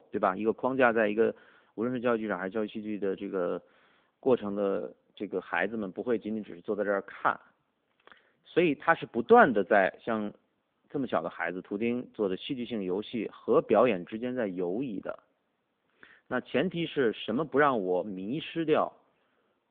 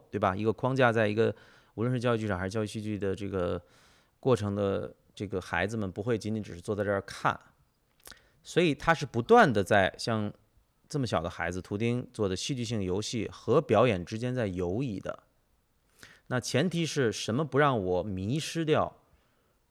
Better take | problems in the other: second | phone-call audio

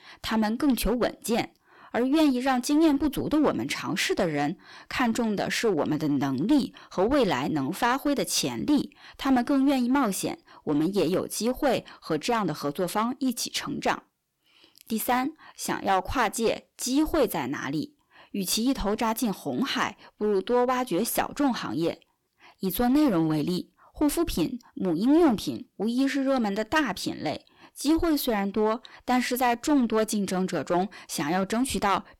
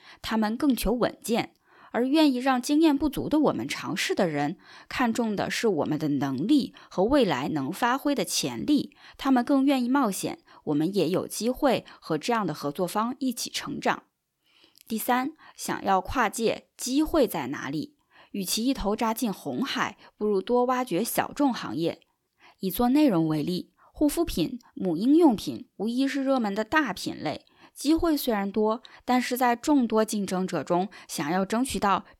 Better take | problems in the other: second | distortion; slight; 6% of the sound clipped

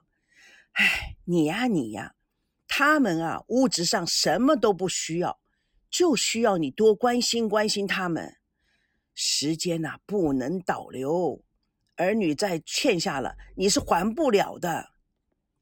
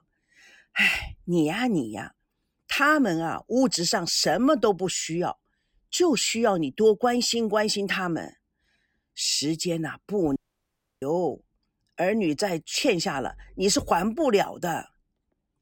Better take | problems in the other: first | audio cutting out; at 10 s for 0.5 s

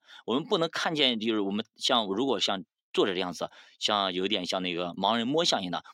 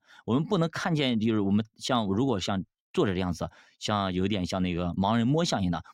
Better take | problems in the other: second | thin; somewhat; fading below 350 Hz

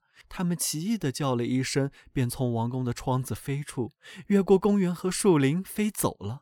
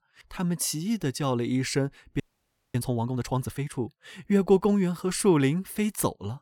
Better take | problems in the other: first | audio freezing; at 2 s for 0.5 s

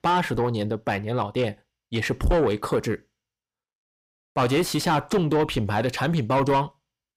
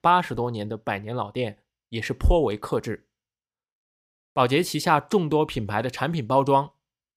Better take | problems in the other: second | distortion; heavy; 7 dB below the speech

